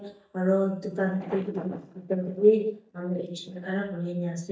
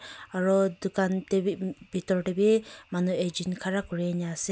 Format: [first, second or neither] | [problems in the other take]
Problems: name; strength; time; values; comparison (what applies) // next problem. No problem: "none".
second | noise reduction (neural mask model DeepFilterNet 3)